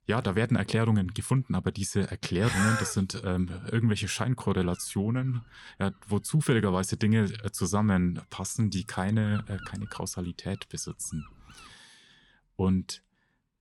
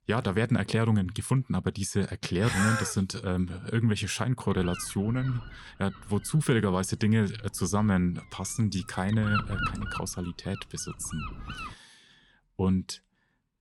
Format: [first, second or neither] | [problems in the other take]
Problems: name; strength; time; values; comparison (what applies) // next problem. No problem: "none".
first | wind noise on the microphone; heavy; from 4.5 to 12 s; 4 dB below the speech; occasional gusts in the first